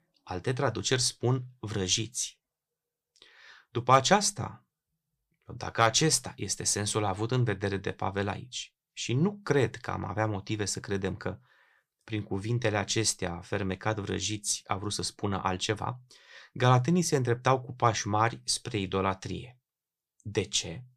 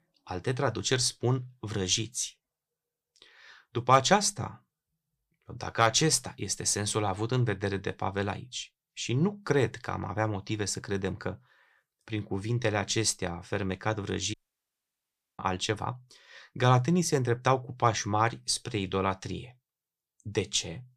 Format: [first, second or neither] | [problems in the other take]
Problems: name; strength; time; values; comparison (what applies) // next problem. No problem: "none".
first | audio cutting out; at 14 s for 1 s